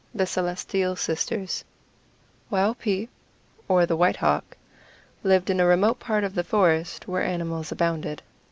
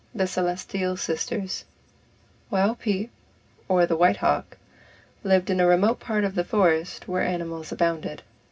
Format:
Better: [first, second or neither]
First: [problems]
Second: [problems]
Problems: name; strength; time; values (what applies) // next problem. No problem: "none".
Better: first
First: none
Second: room echo; dies away in 0.4 s